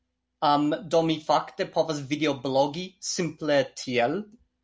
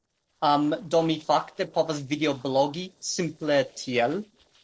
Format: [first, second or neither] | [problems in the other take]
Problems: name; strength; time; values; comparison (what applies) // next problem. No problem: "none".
first | noise reduction (neural separator model SepFormer DNS4)